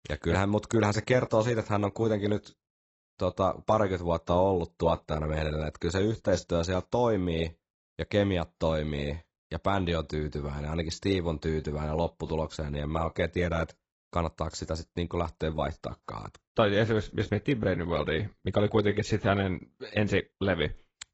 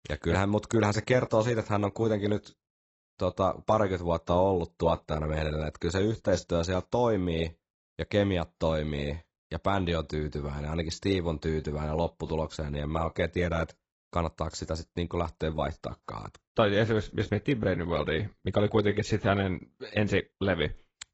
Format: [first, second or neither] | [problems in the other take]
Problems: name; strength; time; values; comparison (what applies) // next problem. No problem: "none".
neither | garbled, watery; badly; nothing above 8 kHz; the same in both